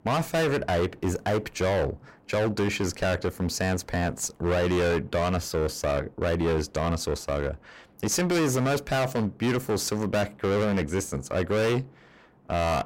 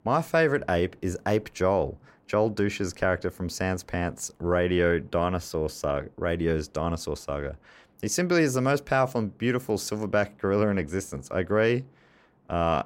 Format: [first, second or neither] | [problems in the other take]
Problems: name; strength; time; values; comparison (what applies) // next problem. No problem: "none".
second | distortion; heavy; 23% of the sound clipped